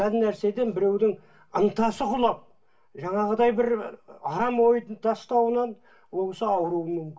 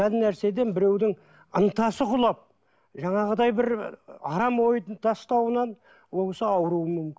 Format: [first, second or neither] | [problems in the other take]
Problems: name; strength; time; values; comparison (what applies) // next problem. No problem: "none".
second | room echo; dies away in 0.2 s